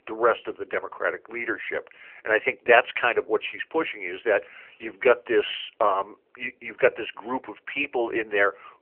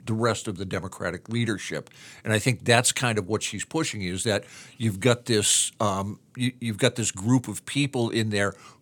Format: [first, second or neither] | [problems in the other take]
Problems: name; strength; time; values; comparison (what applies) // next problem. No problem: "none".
second | phone-call audio; nothing above 3 kHz